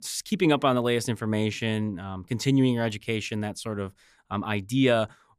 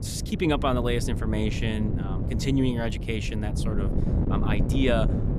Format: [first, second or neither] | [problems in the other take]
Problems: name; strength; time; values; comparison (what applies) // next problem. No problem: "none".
first | wind noise on the microphone; heavy; 8 dB below the speech